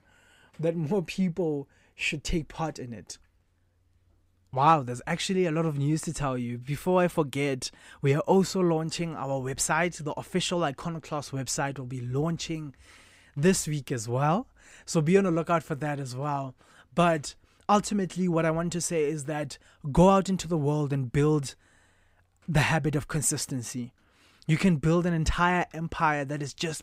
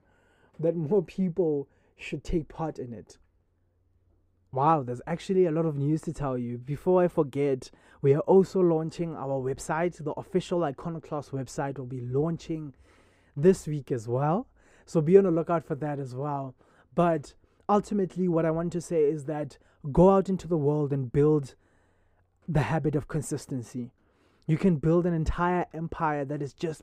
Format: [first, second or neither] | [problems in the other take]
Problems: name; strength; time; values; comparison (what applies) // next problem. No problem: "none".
first | muffled; slightly; fading above 1.5 kHz